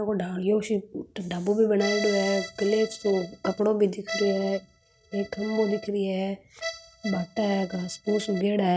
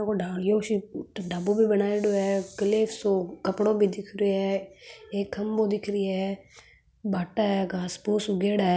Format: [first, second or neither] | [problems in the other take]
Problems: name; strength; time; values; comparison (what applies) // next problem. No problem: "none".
second | noise reduction (neural mask model RNNoise)